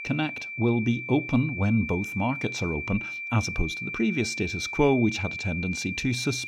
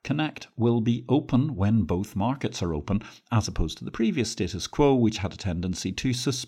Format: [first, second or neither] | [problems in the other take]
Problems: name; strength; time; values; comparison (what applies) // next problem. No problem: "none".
second | high-pitched whine; loud; throughout; 2.5 kHz, 5 dB below the speech